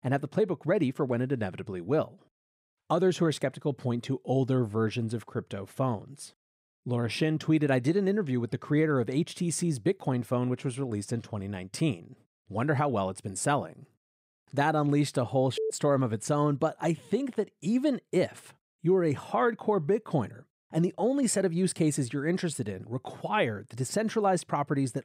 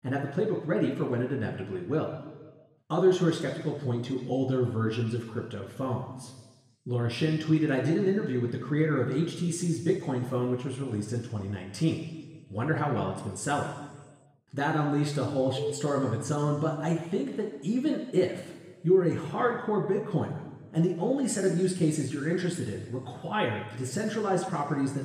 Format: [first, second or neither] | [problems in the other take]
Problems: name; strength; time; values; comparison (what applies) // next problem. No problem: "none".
first | room echo; noticeable; dies away in 1.3 s // off-mic speech; somewhat distant